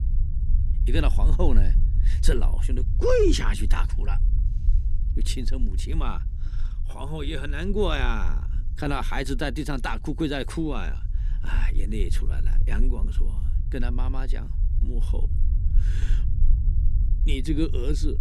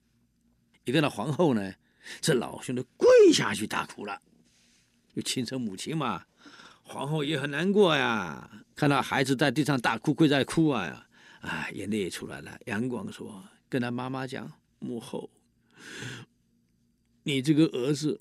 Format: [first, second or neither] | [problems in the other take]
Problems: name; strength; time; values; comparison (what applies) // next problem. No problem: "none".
second | low rumble; noticeable; throughout; 15 dB below the speech